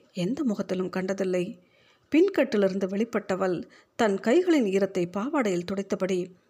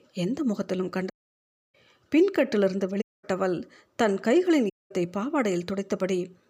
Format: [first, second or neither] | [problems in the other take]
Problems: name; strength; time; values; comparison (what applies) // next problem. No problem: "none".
first | audio cutting out; at 1 s for 0.5 s, at 3 s and at 4.5 s